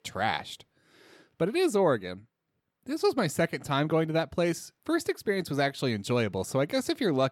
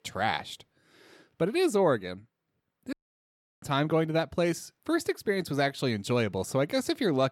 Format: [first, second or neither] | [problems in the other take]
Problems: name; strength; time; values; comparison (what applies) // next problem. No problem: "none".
first | audio cutting out; at 3 s for 0.5 s